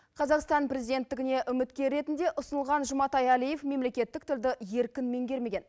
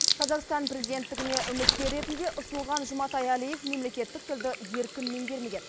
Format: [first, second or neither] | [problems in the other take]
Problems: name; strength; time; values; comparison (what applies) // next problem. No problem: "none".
first | background sound (Sink (filling or washing) / Water tap, faucet + Tearing); 2 dB below the speech